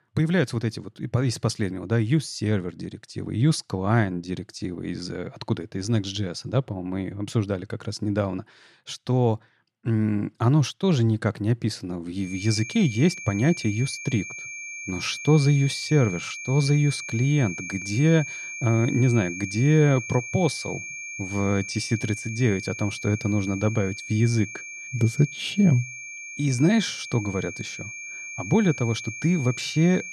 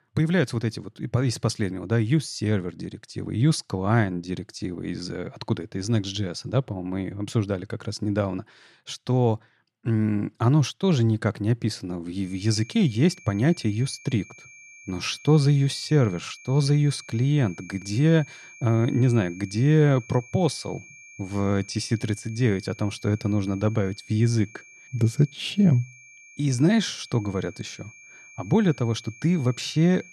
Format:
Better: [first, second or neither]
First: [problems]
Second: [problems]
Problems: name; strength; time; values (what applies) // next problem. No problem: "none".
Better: second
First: high-pitched whine; loud; from 12 s on; 2.5 kHz, 9 dB below the speech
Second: high-pitched whine; faint; from 12 s on; 2.5 kHz, 20 dB below the speech